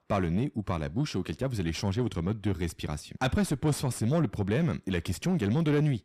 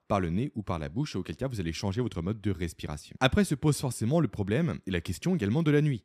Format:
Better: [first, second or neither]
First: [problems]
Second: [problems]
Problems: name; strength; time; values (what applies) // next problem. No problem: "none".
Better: second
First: distortion; slight; 10 dB below the speech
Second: none